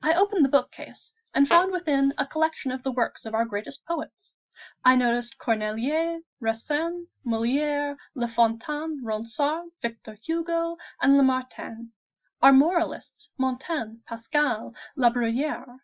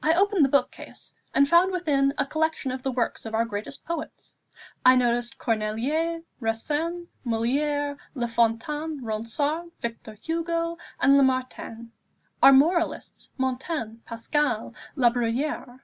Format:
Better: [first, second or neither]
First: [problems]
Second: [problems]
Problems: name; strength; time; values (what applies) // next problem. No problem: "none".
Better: second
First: noise reduction (classical method Wiener filter)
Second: none